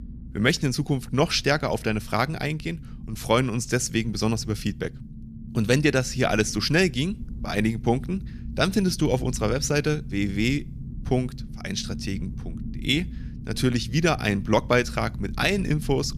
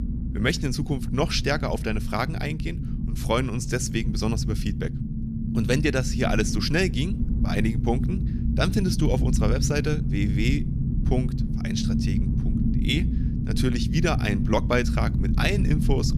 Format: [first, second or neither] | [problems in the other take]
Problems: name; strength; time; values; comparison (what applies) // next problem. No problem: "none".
first | low rumble; loud; throughout; 8 dB below the speech; faint in the first